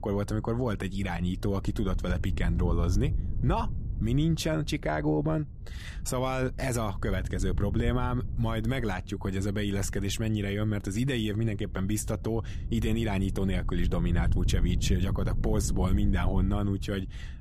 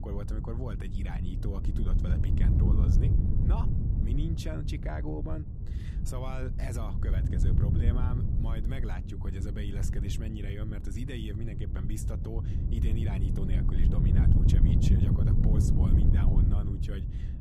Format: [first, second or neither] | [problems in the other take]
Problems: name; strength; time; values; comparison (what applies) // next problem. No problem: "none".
first | wind noise on the microphone; heavy; 1 dB above the speech; occasional gusts in the first